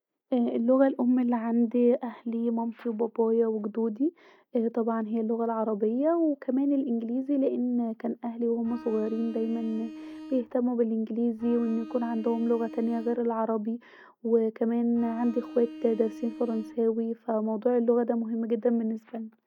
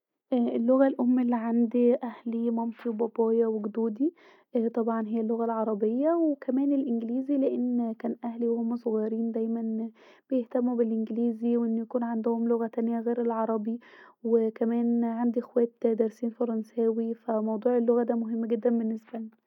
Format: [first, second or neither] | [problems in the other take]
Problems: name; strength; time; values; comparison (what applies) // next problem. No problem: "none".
second | background sound (Bowed string instrument); 15 dB below the speech